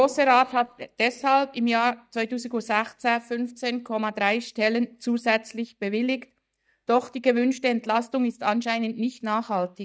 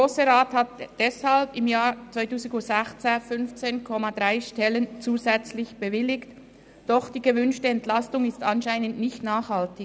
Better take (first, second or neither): second